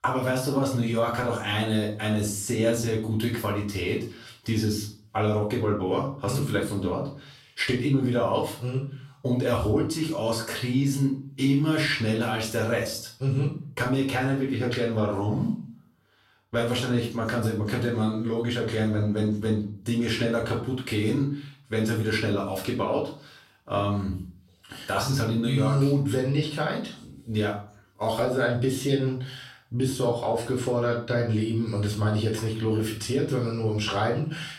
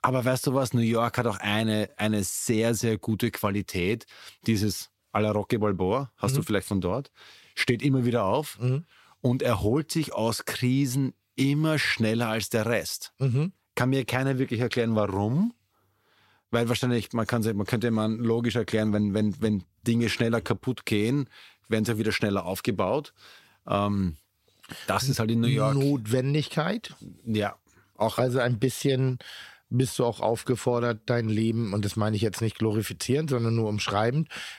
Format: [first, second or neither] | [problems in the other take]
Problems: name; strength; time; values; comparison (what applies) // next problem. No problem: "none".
second | off-mic speech; far // room echo; slight; dies away in 0.4 s